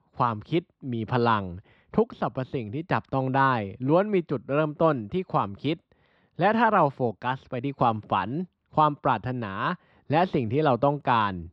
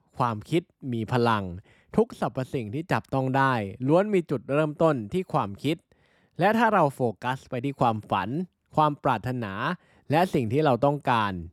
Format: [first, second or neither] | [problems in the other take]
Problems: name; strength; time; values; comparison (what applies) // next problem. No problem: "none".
second | muffled; very slightly; fading above 4 kHz